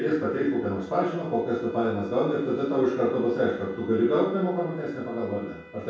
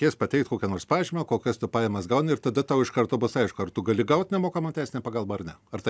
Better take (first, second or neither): second